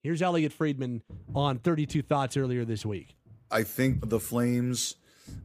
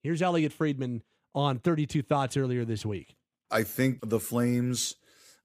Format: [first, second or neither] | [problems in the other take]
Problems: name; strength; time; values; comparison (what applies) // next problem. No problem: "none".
second | footsteps; noticeable; from 1 s on; peak 7 dB below the speech